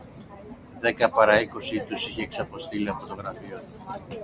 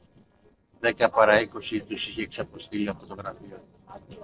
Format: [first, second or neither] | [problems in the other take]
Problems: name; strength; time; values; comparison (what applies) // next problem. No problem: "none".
first | noise reduction (neural separator model SepFormer DNS4)